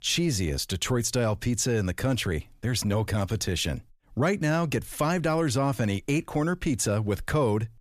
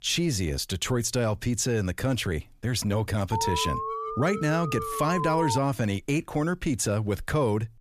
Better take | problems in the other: first | alarm; noticeable; from 3.5 to 5.5 s; peak 2 dB below the speech

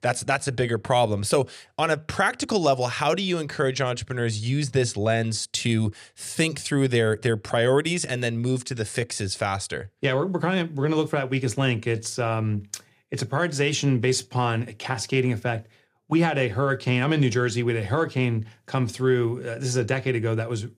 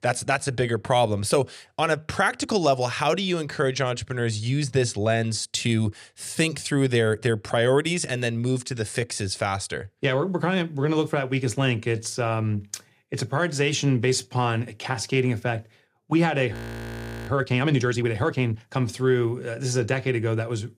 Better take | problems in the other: first | audio freezing; at 17 s for 0.5 s

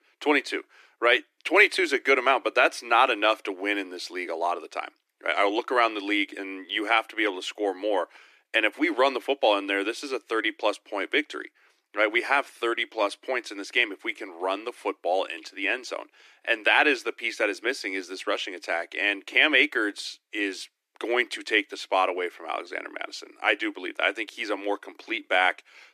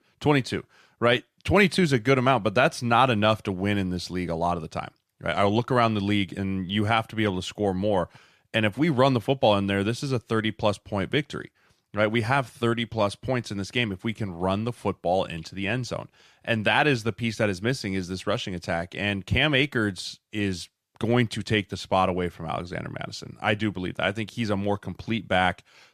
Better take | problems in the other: second | thin; somewhat; fading below 300 Hz

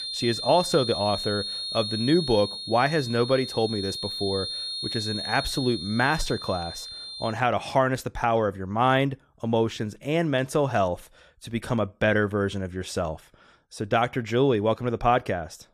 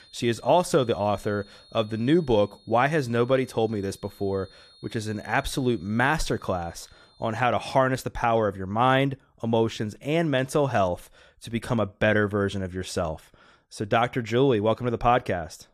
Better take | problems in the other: second | high-pitched whine; loud; until 7.5 s; 4.5 kHz, 5 dB below the speech; faint in the second

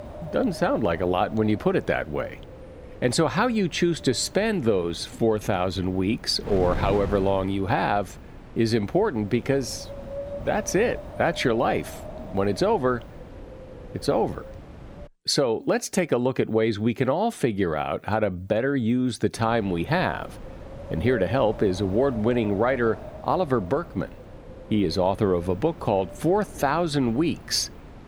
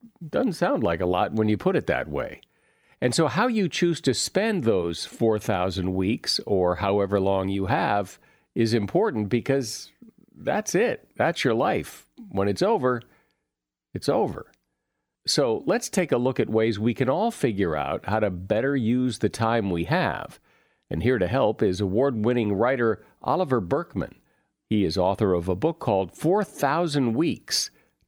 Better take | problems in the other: second | wind noise on the microphone; occasional gusts; until 15 s and from 19 s on; 15 dB below the speech

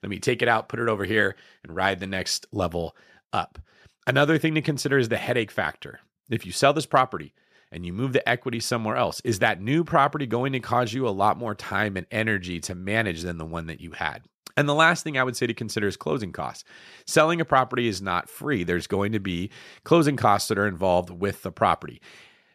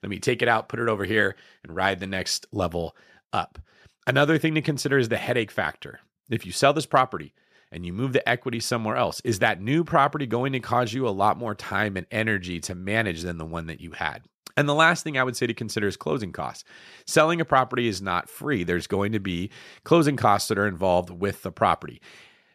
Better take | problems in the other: neither | none

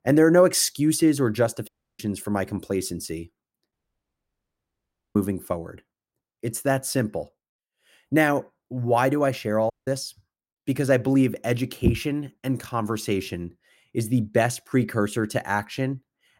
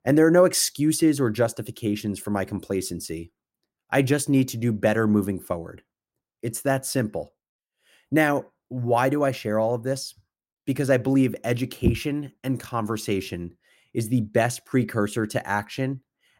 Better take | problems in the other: second | audio cutting out; at 1.5 s, at 3.5 s for 1.5 s and at 9.5 s

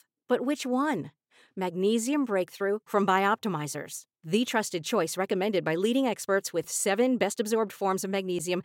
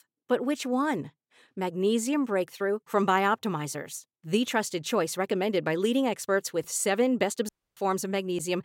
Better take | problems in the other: first | audio cutting out; at 7.5 s

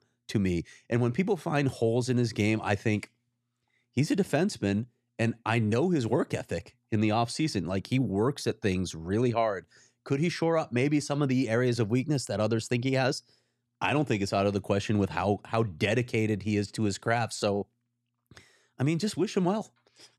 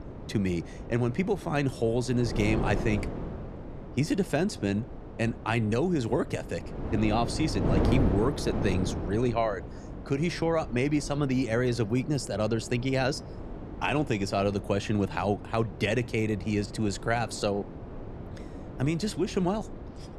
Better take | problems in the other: first | wind noise on the microphone; occasional gusts; 10 dB below the speech

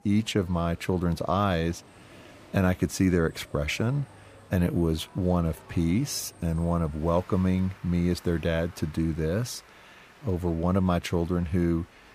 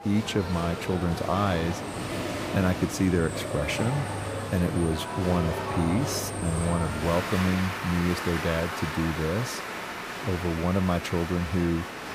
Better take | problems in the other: first | crowd noise; loud; throughout; 5 dB below the speech; faint in the first

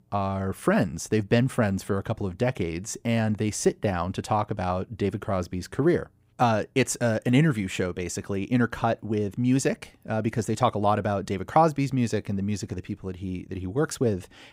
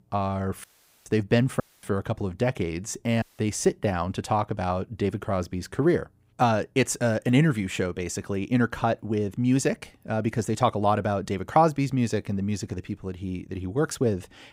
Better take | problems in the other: first | audio cutting out; at 0.5 s, at 1.5 s and at 3 s

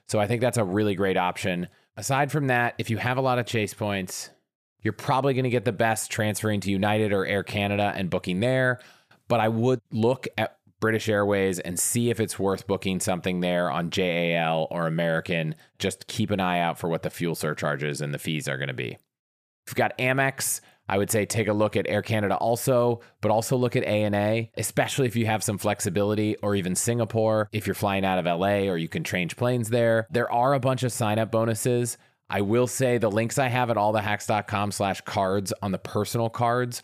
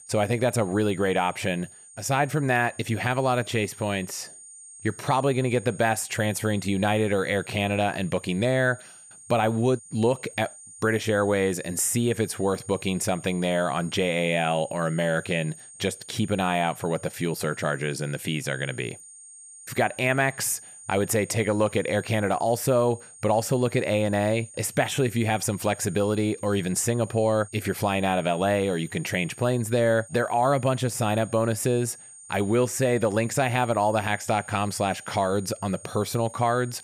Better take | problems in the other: first | high-pitched whine; noticeable; throughout; 8.5 kHz, 20 dB below the speech

